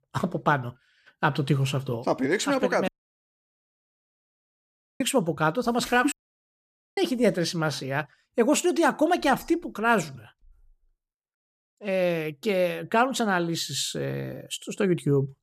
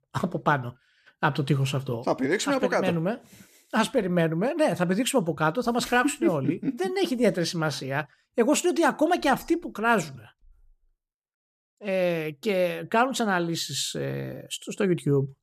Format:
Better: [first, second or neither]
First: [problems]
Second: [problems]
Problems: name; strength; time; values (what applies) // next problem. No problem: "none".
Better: second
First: audio cutting out; at 3 s for 2 s and at 6 s for 1 s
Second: none